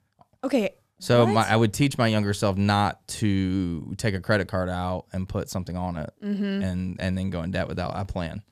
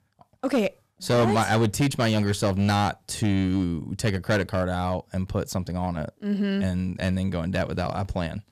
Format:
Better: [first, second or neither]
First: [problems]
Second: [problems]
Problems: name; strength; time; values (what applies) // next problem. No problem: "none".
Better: first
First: none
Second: distortion; slight; 6% of the sound clipped